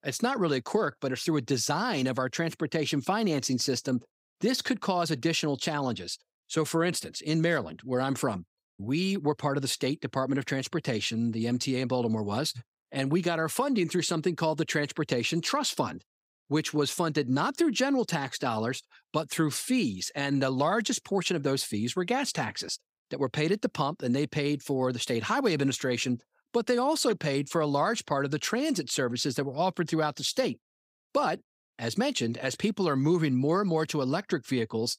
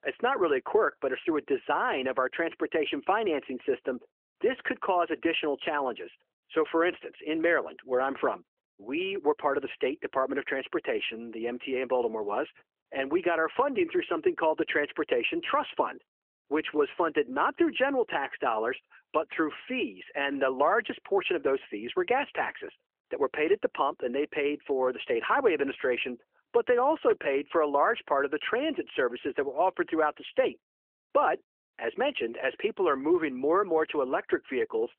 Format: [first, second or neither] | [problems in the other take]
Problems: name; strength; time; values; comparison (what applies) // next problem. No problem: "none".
first | phone-call audio; nothing above 3 kHz